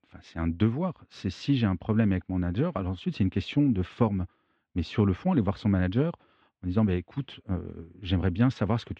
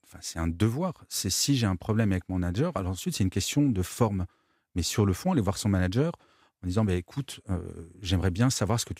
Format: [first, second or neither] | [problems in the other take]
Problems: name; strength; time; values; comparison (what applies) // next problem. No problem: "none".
second | muffled; very; fading above 3 kHz